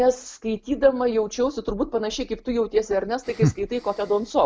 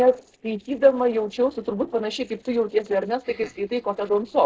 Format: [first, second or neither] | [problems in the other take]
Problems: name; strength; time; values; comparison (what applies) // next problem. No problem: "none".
first | noise reduction (neural separator model SepFormer DNS4)